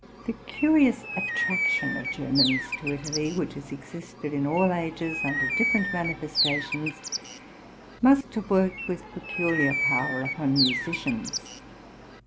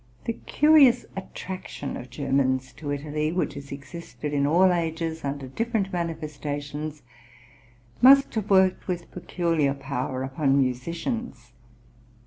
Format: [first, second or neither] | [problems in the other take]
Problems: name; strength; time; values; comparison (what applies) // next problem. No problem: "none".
second | background sound (Bird); 3 dB below the speech